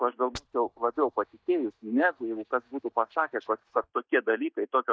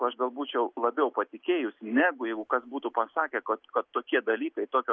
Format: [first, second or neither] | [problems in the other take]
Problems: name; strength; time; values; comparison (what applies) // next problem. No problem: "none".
second | noise reduction (neural mask model DeepFilterNet 3)